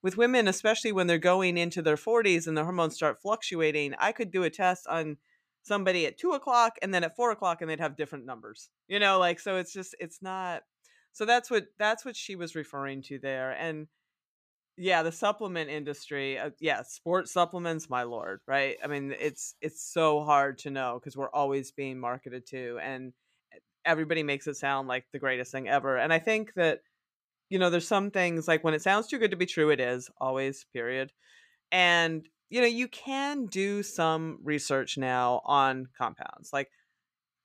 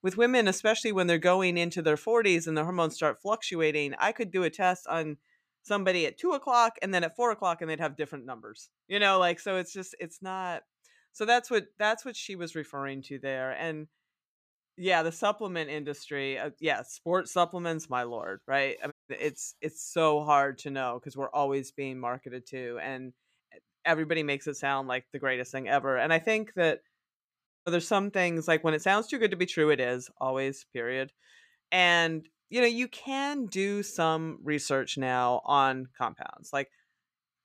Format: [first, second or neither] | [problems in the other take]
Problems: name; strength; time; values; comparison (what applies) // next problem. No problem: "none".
first | audio cutting out; at 19 s and at 27 s